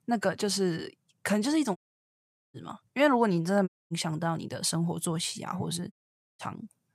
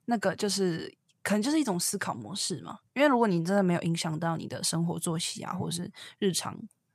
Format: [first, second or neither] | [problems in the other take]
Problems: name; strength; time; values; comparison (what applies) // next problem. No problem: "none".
second | audio cutting out; at 2 s for 1 s, at 3.5 s and at 6 s